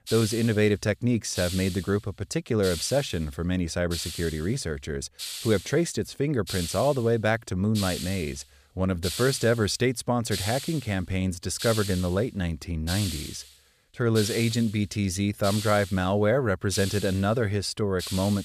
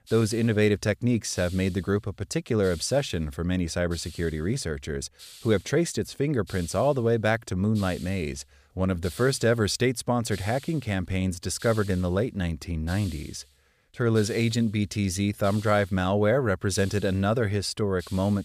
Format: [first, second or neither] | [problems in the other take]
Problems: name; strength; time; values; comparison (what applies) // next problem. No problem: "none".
second | hiss; loud; throughout; 9 dB below the speech; faint in the second